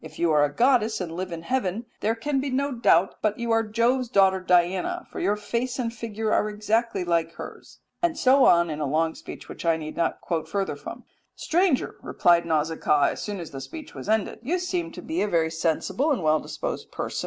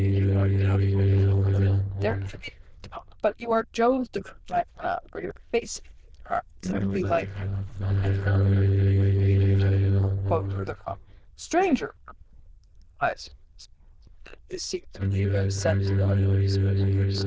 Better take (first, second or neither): first